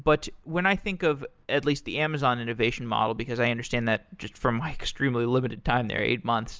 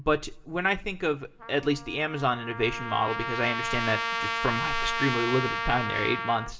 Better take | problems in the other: first | background sound (Trumpet); 4 dB below the speech // room echo; dies away in 0.3 s

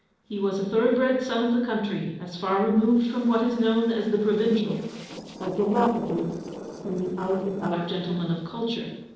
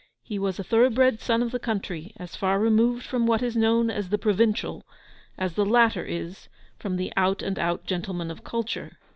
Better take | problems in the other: second | noise reduction (neural separator model SepFormer DNS4)

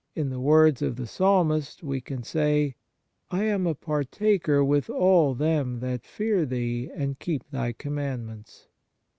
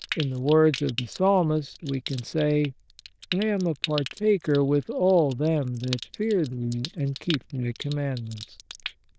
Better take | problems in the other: first | noise reduction (neural diffusion model UNIVERSE++)

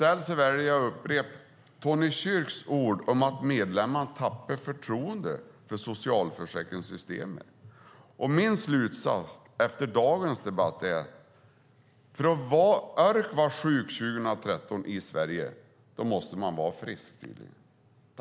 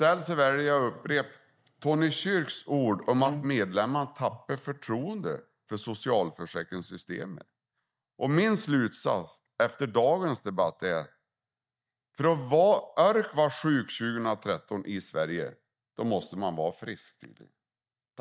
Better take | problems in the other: first | noise reduction (neural mask model DeepFilterNet 3)

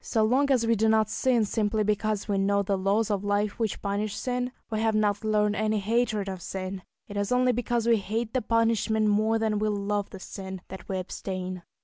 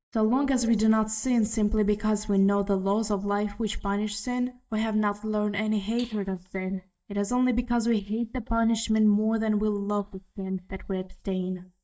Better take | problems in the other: first | noise reduction (neural mask model DeepFilterNet 3)

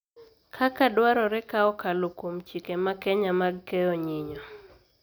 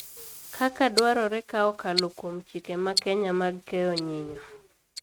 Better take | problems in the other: first | noise reduction (neural mask model RNNoise)

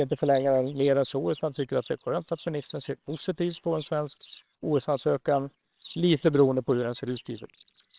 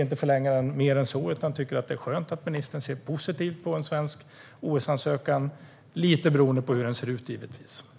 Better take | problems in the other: second | noise reduction (neural separator model SepFormer WHAMR!)

